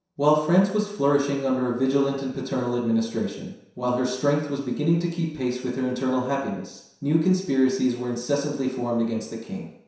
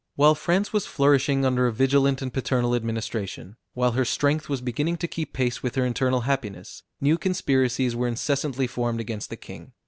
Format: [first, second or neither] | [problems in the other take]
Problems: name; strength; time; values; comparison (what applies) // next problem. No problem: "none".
second | room echo; dies away in 0.7 s